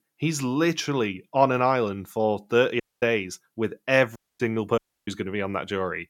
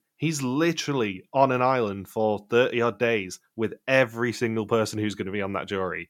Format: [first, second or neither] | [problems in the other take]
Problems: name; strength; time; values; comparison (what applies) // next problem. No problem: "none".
second | audio cutting out; at 3 s, at 4 s and at 5 s